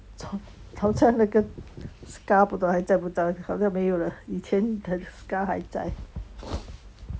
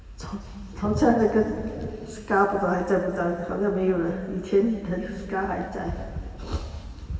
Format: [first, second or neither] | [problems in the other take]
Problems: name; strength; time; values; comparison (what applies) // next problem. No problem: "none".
first | room echo; dies away in 2.5 s